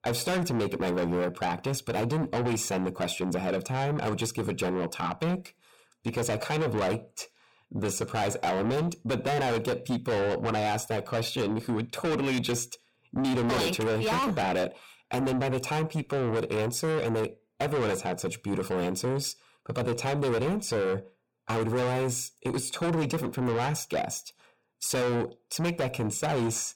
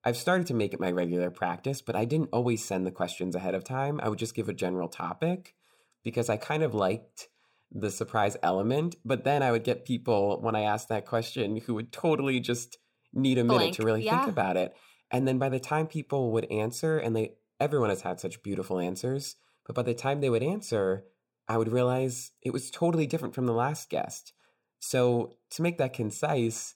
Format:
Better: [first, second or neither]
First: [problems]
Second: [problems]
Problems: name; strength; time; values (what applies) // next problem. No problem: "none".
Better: second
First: distortion; heavy; 6 dB below the speech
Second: none